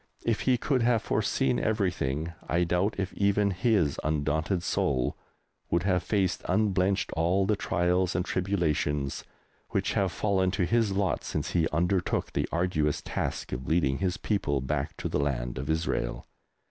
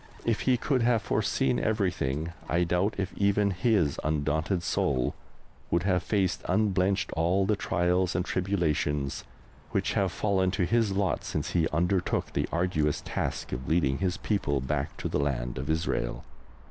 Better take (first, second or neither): first